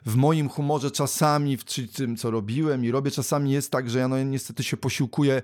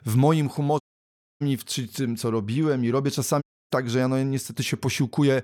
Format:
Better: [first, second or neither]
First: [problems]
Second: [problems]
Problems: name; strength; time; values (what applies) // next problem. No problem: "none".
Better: first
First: none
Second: audio cutting out; at 1 s for 0.5 s and at 3.5 s